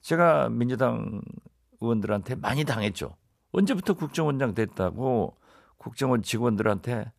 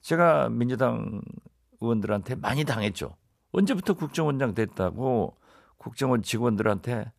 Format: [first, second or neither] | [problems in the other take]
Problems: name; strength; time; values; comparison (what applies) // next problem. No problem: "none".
neither | none